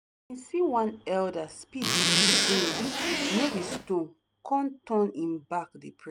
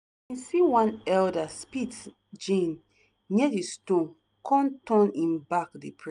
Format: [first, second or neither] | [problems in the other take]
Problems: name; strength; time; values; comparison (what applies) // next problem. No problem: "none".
second | background sound (Zipper (clothing)); 5 dB above the speech